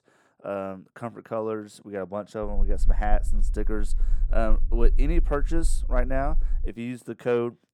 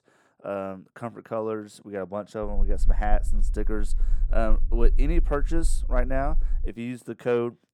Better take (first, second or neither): neither